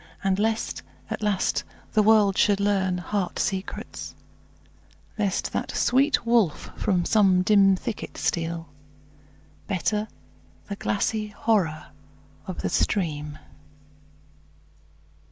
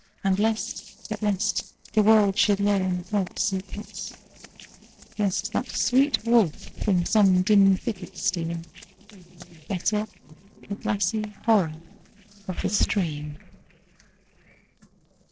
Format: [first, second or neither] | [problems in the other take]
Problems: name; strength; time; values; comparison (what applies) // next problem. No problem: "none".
first | noise reduction (neural separator model SepFormer DNS4)